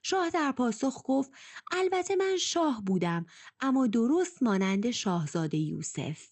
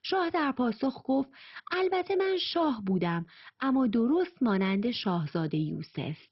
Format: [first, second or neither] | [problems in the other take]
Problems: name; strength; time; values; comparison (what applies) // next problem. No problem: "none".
first | garbled, watery; badly; nothing above 5.5 kHz; slightly in the first